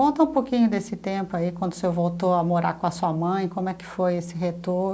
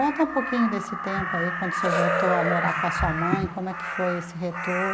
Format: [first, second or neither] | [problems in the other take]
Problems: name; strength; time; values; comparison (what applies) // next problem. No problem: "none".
first | background sound (Crow); 1 dB below the speech